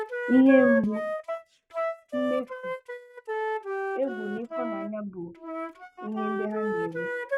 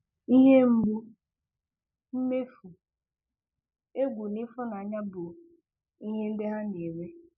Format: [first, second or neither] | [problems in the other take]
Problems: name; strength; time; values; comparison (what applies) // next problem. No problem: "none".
second | noise reduction (neural mask model RNNoise)